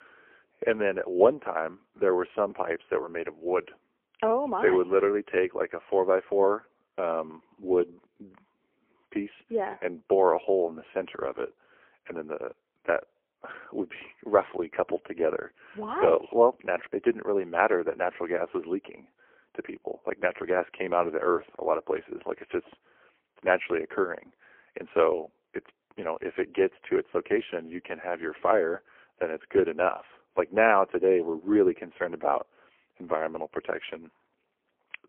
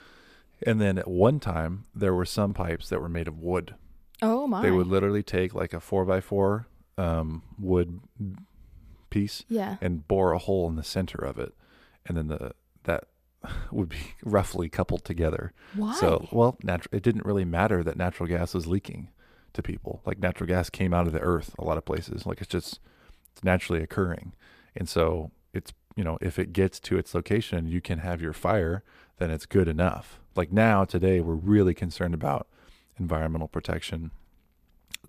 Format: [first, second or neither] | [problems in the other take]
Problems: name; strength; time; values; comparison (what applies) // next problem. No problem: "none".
second | phone-call audio; poor line